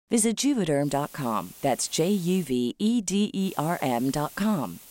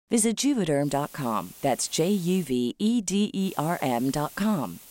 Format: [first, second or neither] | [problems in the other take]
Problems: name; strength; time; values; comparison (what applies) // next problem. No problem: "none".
neither | hiss; noticeable; from 1 to 2.5 s and from 3.5 s on; 20 dB below the speech; the same in both